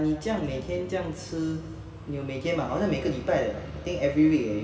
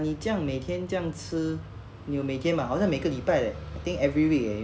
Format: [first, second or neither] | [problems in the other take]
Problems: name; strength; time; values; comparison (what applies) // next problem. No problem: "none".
second | room echo; dies away in 2.3 s